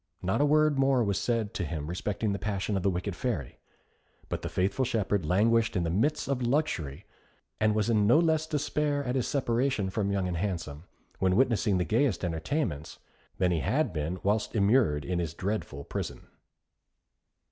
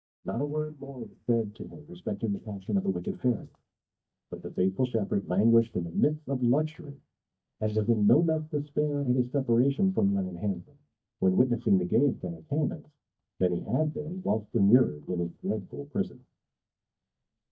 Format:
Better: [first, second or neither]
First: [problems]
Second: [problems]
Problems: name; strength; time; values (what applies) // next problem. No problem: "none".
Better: first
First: none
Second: noise reduction (neural mask model DeepFilterNet 3)